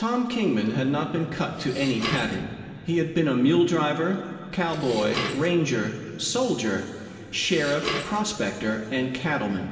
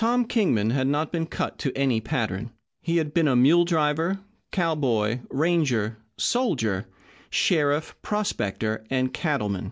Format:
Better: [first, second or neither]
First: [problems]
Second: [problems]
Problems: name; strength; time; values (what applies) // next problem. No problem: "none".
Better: second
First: background sound (Dishes, pots, and pans); 12 dB below the speech // room echo; dies away in 2.5 s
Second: none